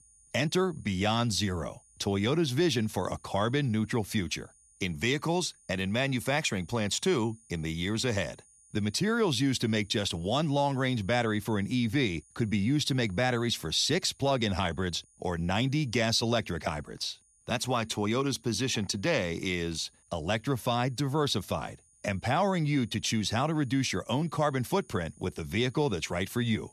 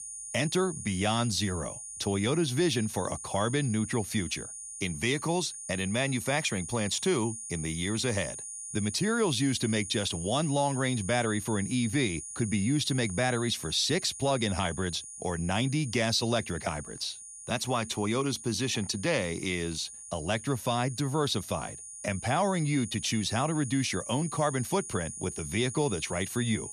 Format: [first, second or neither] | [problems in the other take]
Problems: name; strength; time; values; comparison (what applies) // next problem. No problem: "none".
first | high-pitched whine; loud; throughout; 9.5 kHz, 9 dB below the speech; faint in the first